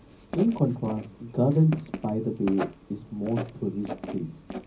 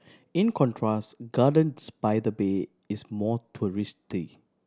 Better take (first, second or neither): second